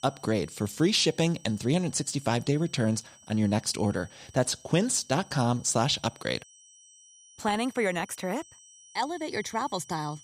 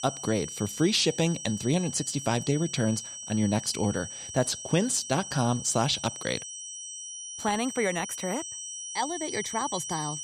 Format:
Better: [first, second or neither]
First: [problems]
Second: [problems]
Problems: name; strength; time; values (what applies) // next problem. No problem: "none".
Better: first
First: high-pitched whine; faint; throughout; 6 kHz, 25 dB below the speech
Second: high-pitched whine; loud; throughout; 6 kHz, 8 dB below the speech